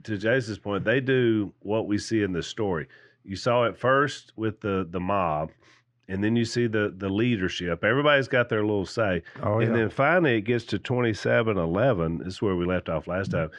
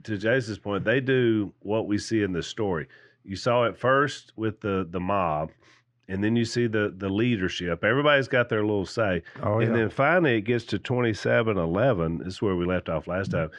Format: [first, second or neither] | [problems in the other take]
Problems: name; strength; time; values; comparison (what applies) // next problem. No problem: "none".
neither | muffled; slightly; fading above 3.5 kHz; the same in both